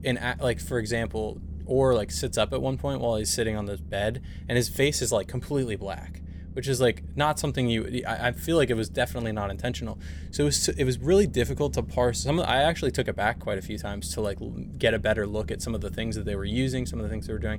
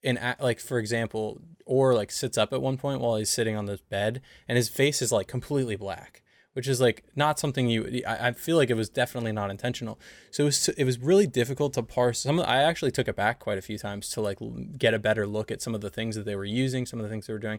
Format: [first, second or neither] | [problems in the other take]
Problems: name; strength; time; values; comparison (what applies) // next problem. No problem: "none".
second | low rumble; faint; throughout; 25 dB below the speech